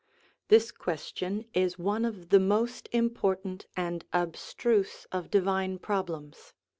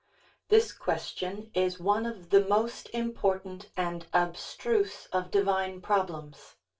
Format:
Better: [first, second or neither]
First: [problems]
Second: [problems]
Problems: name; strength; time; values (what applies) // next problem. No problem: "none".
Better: first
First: none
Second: room echo; dies away in 0.2 s